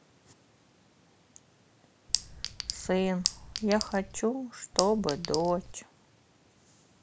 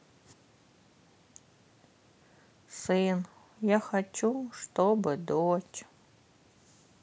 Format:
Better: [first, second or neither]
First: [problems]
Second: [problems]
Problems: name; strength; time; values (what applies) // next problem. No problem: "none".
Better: second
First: background sound (Chink, clink); 3 dB below the speech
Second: none